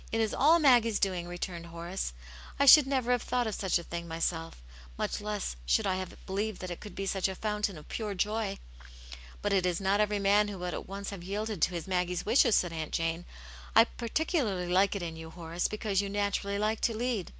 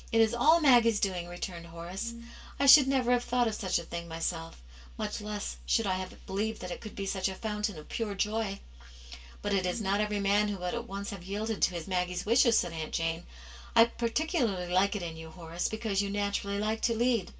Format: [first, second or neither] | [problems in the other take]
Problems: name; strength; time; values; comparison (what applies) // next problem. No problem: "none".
first | background sound (Brass instrument); 16 dB below the speech // room echo; dies away in 0.1 s